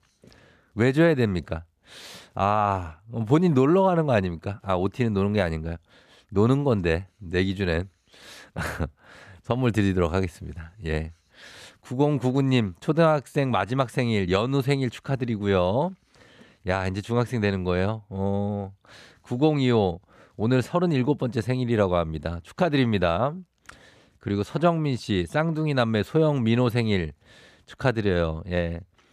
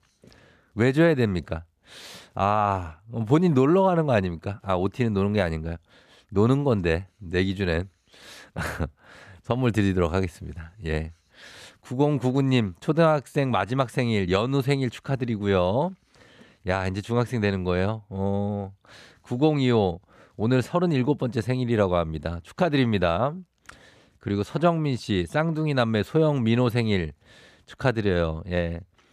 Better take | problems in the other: neither | none

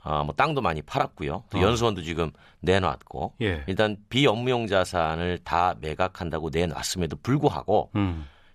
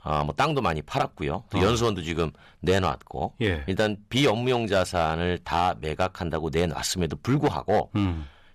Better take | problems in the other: first | distortion; slight; 4% of the sound clipped

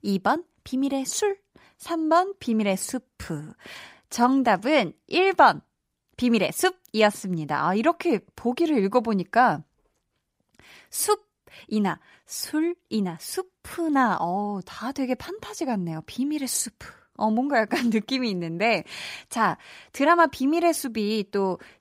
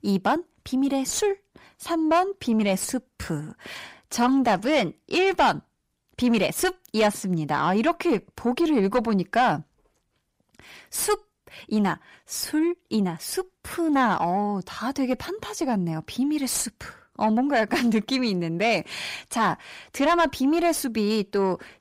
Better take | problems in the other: first | distortion; slight; 10 dB below the speech

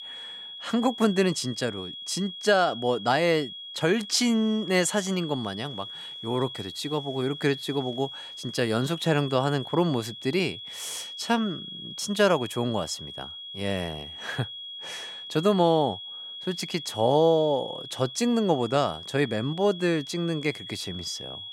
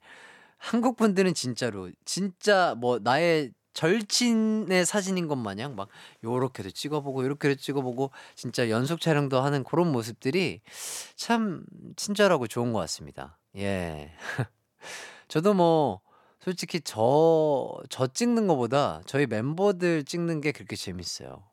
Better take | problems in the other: second | high-pitched whine; noticeable; throughout; 3.5 kHz, 10 dB below the speech

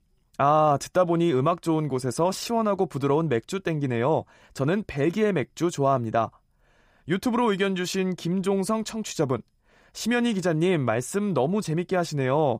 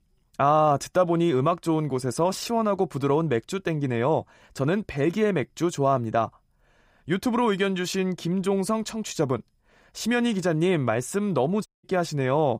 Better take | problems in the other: first | audio cutting out; at 12 s

